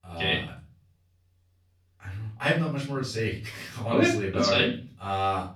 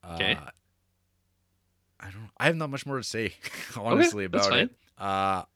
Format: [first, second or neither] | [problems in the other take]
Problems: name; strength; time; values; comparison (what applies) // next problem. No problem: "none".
second | off-mic speech; far // room echo; slight; dies away in 0.5 s